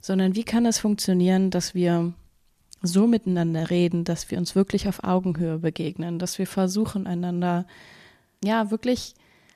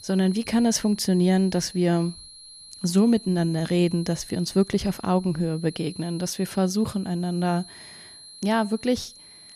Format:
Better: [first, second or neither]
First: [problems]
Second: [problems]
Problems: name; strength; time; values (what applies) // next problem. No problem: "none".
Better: first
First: none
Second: high-pitched whine; noticeable; throughout; 4 kHz, 20 dB below the speech